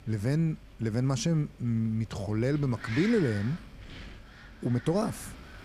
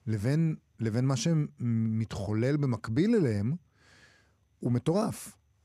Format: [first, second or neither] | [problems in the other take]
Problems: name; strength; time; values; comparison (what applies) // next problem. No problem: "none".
second | wind noise on the microphone; heavy; 8 dB below the speech